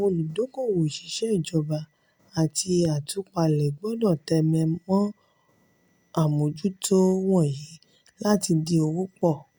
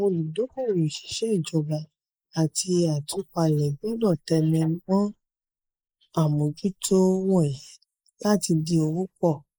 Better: first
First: none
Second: noise reduction (neural mask model Resemble Enhance denoiser)

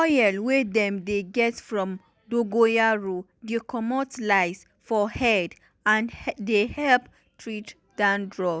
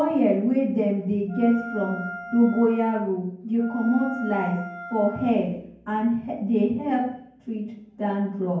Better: first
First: none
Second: background sound (Wind instrument, woodwind instrument); 14 dB below the speech // room echo; dies away in 0.9 s

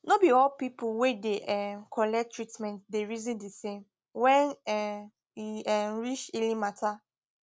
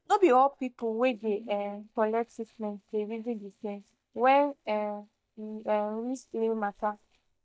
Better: first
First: none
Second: noise reduction (neural mask model DeepFilterNet 3)

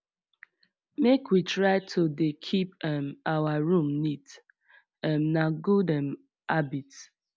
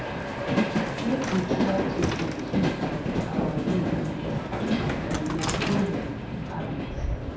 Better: first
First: none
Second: background sound (Train); 5 dB above the speech // room echo; dies away in 0.7 s

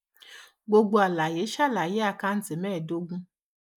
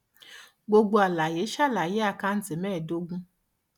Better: second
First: noise reduction (neural mask model Resemble Enhance denoiser)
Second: none

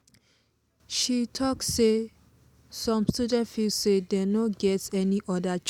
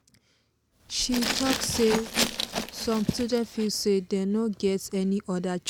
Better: first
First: none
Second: background sound (Glass); 5 dB below the speech

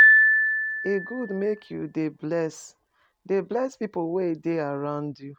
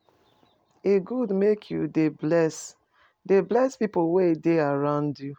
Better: second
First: background sound (Piano); 4 dB above the speech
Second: none

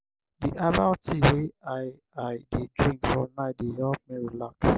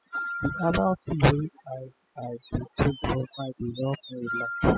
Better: first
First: none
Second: noise reduction (classical method spectral subtraction)

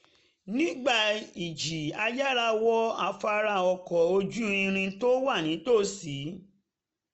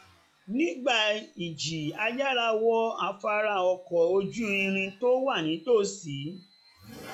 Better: first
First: none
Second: noise reduction (classical method log-MMSE)

